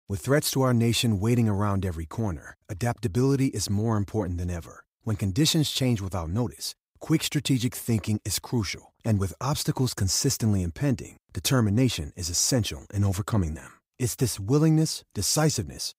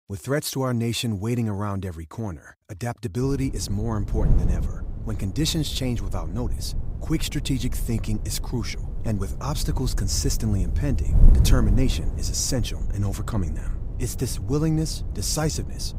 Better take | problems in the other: first | wind noise on the microphone; occasional gusts; from 3 s on; 10 dB below the speech

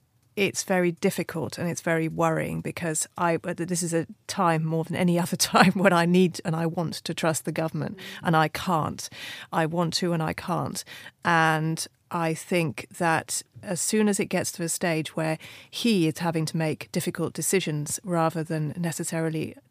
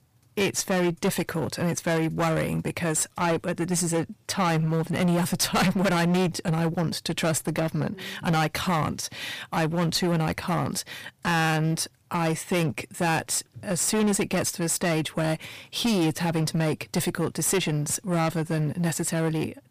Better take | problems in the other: first | distortion; heavy; 14% of the sound clipped

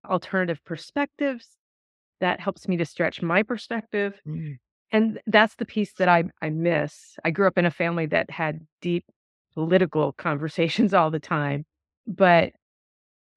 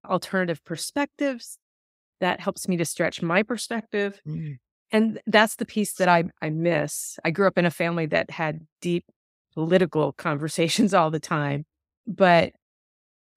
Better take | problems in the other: second | muffled; slightly; fading above 3 kHz

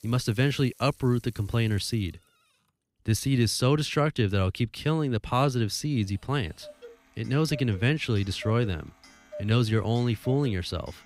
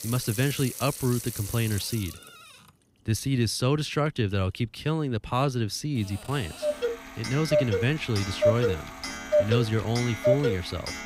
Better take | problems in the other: first | household noises; loud; throughout; 2 dB below the speech; faint in the first

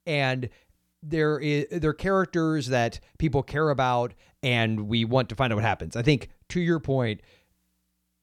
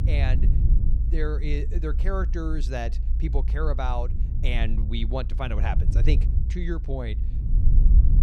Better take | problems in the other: first | low rumble; loud; throughout; 10 dB below the speech

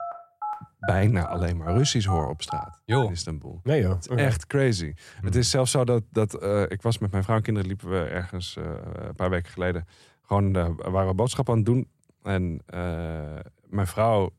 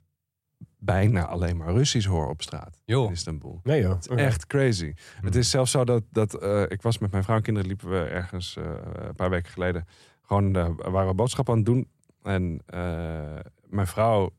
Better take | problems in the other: second | phone ringing; noticeable; until 3 s; peak 8 dB below the speech

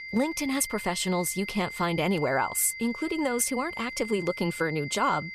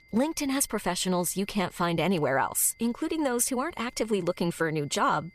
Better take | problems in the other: second | high-pitched whine; loud; throughout; 2 kHz, 9 dB below the speech; faint in the second

